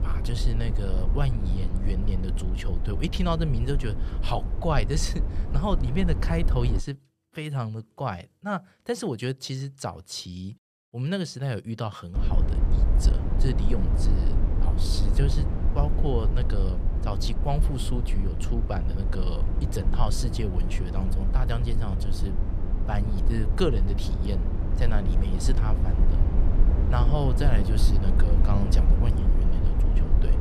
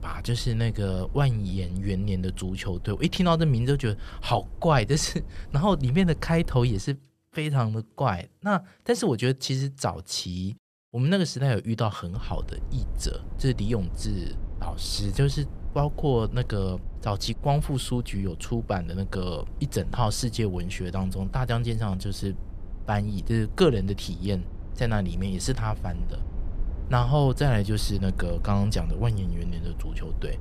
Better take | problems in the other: second | low rumble; loud; until 7 s and from 12 s on; 6 dB below the speech; faint in the second

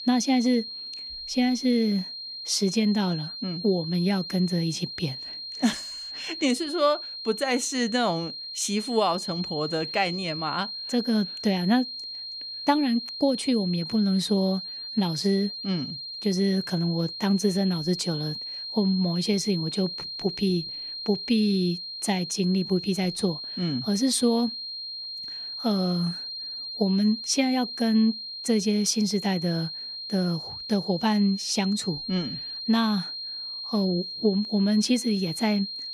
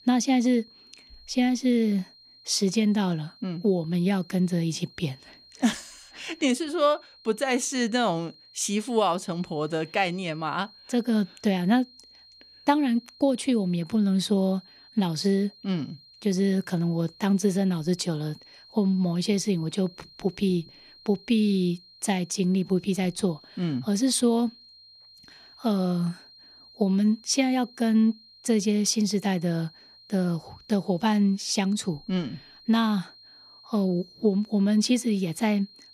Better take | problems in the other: second | high-pitched whine; loud; throughout; 4 kHz, 7 dB below the speech; faint in the second

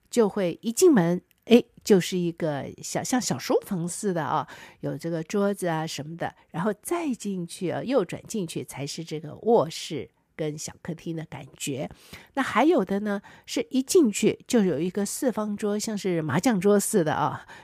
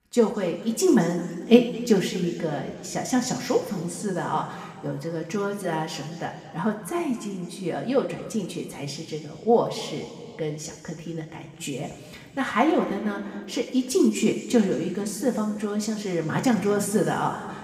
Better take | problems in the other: first | room echo; slight; dies away in 2 s // off-mic speech; somewhat distant

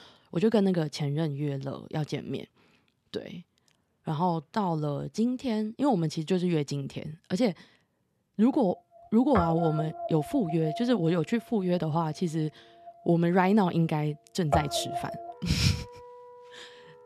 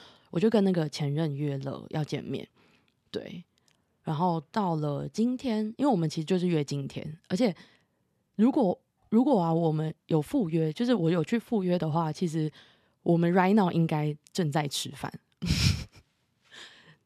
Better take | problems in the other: second | background music; loud; from 8.5 s on; 8 dB below the speech

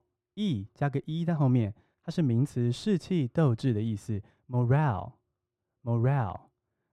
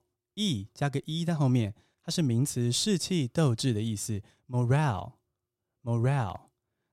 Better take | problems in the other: second | muffled; very; fading above 3 kHz

